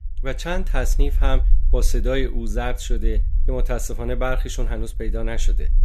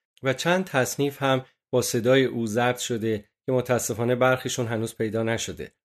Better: second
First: low rumble; faint; throughout; 20 dB below the speech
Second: none

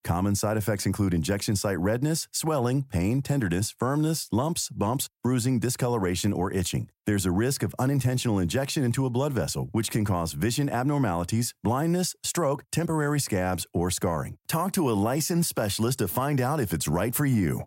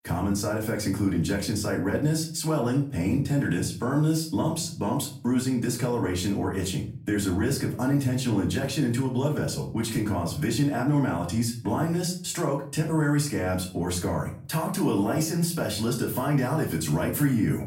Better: first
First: none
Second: off-mic speech; far // room echo; slight; dies away in 0.4 s

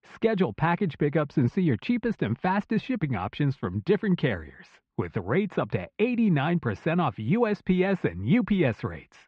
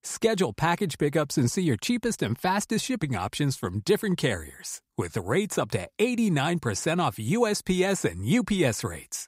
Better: second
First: muffled; very; fading above 3 kHz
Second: none

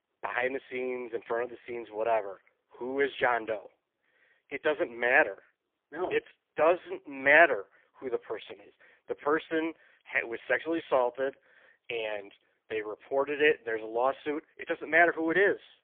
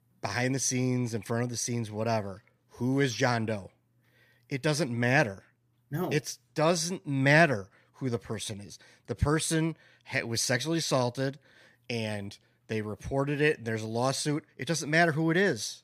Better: second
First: phone-call audio; poor line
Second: none

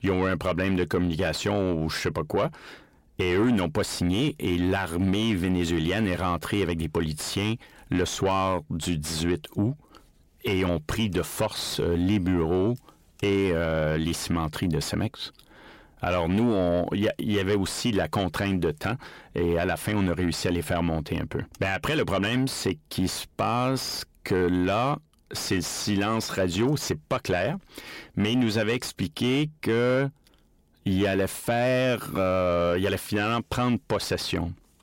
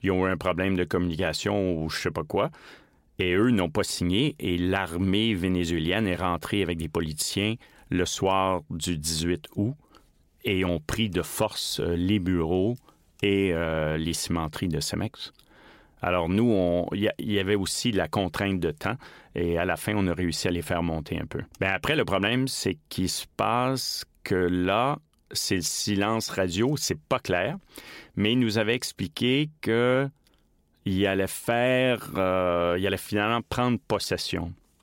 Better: second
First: distortion; slight; 10 dB below the speech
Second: none

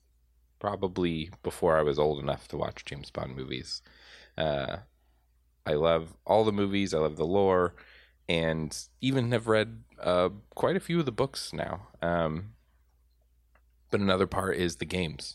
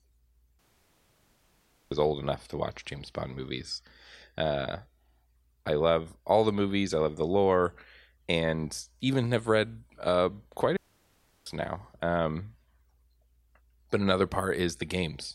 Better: first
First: none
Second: audio cutting out; at 0.5 s for 1.5 s and at 11 s for 0.5 s

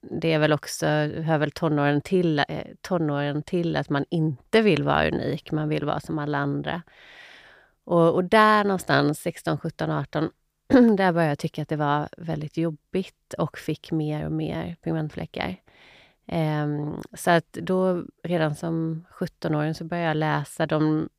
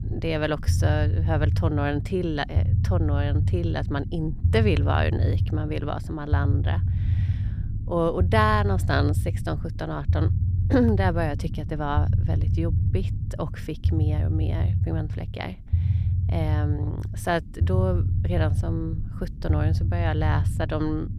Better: first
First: none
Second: low rumble; noticeable; throughout; 10 dB below the speech

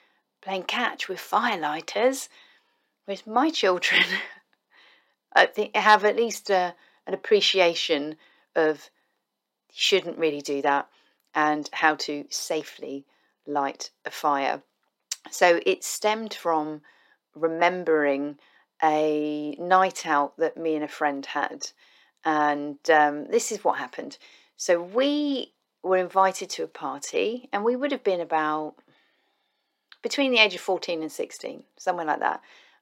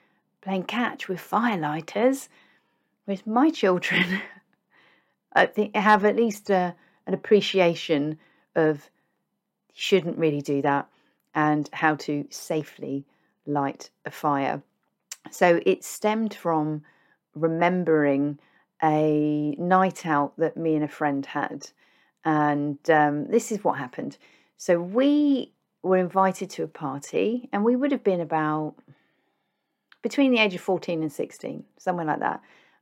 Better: second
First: thin; somewhat; fading below 400 Hz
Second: none

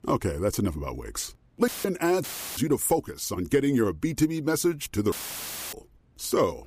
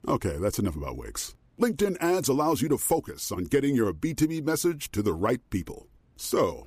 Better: second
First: audio cutting out; filled with static; at 1.5 s, at 2 s and at 5 s for 0.5 s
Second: none

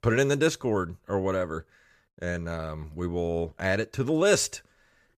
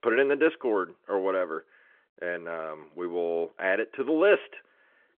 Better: first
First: none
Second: phone-call audio

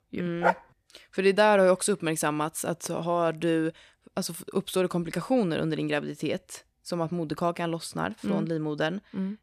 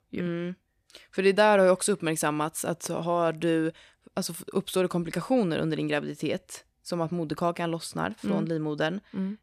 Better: second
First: dog barking; loud; at 0.5 s; peak 1 dB above the speech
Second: none

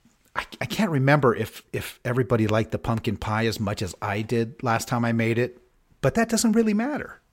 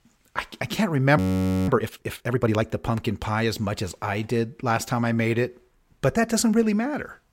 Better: first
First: none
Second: audio freezing; at 1 s for 0.5 s

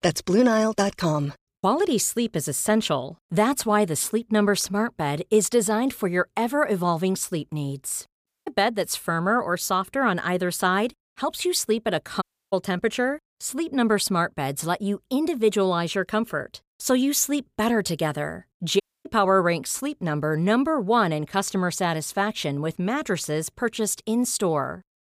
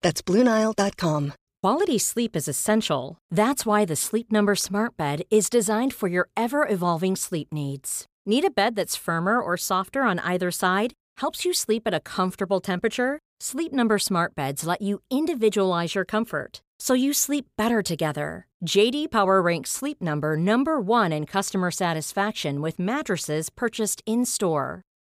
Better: second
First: audio cutting out; at 8.5 s, at 12 s and at 19 s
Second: none

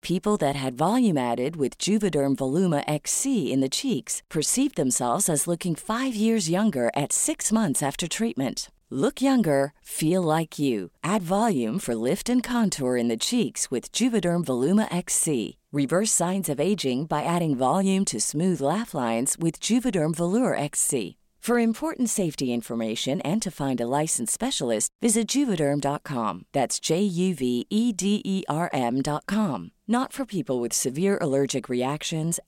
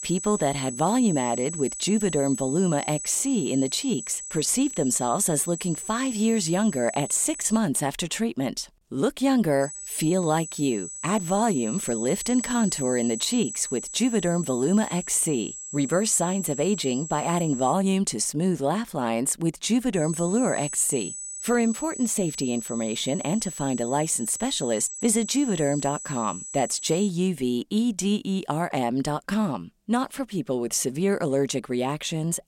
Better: first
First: none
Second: high-pitched whine; loud; until 7.5 s, from 9.5 to 18 s and from 20 to 27 s; 8 kHz, 8 dB below the speech

